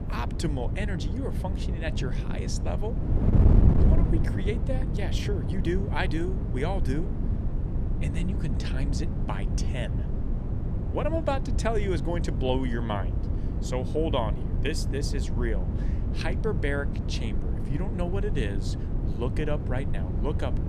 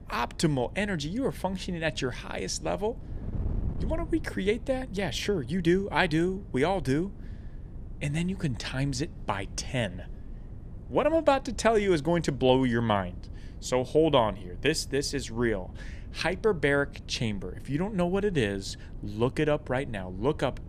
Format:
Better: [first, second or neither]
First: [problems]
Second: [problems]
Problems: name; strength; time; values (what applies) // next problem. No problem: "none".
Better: second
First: wind noise on the microphone; heavy; 6 dB below the speech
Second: wind noise on the microphone; occasional gusts; 25 dB below the speech